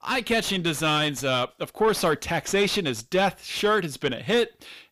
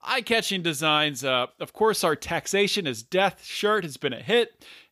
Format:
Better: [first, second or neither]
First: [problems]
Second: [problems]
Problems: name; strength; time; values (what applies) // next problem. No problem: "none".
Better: second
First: distortion; slight; 9 dB below the speech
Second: none